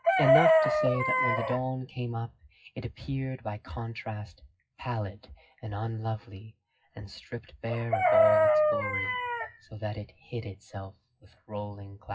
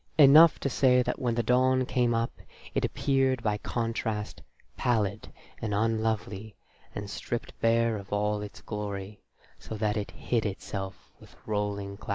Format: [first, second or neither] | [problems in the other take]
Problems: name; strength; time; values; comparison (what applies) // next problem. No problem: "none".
second | noise reduction (classical method WPE with log-MMSE)